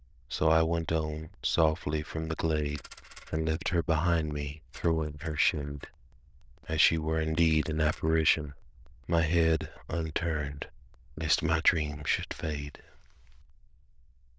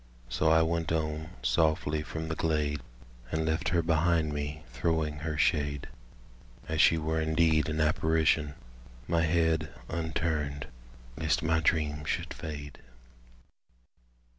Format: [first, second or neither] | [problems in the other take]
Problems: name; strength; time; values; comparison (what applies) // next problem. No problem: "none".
second | noise reduction (neural diffusion model UNIVERSE++)